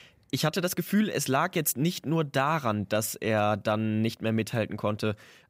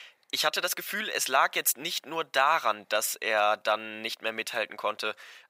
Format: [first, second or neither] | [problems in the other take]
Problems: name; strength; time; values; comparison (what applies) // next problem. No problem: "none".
first | thin; very; fading below 800 Hz